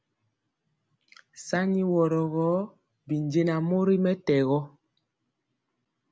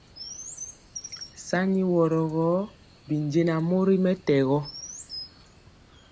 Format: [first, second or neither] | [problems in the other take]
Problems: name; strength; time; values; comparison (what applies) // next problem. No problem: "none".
first | background sound (Chirp, tweet); 18 dB below the speech